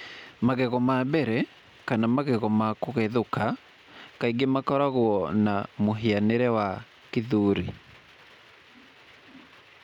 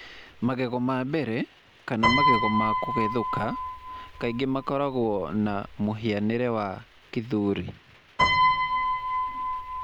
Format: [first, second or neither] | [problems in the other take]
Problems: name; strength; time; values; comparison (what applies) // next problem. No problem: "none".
first | background sound (Piano); as loud as the speech